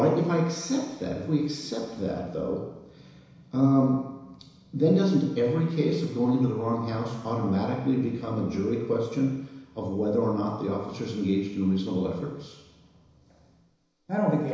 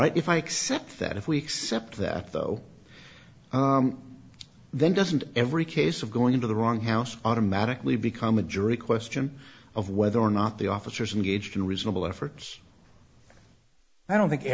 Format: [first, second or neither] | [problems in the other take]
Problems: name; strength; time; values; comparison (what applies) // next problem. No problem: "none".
second | room echo; dies away in 1 s